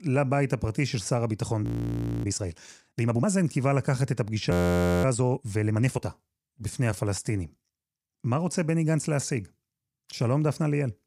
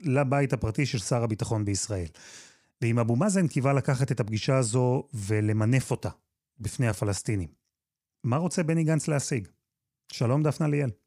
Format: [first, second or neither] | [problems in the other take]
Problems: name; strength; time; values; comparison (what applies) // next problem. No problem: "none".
second | audio freezing; at 1.5 s for 0.5 s and at 4.5 s for 0.5 s